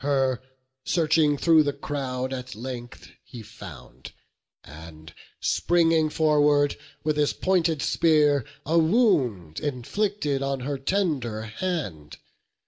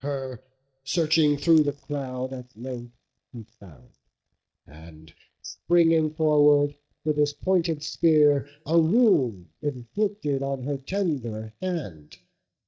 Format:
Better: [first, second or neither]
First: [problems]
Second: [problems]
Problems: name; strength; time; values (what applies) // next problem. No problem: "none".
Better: first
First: none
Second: noise reduction (neural mask model DeepFilterNet 3)